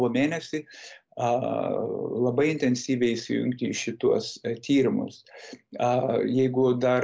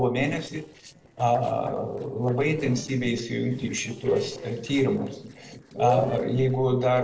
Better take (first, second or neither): first